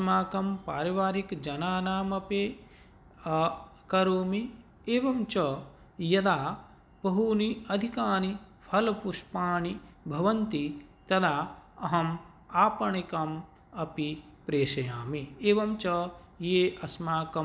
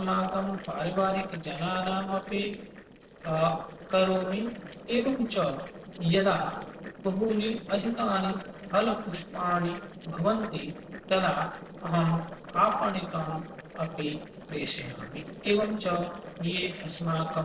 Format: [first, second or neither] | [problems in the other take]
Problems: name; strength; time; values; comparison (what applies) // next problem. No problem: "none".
first | noise reduction (neural separator model SepFormer DNS4)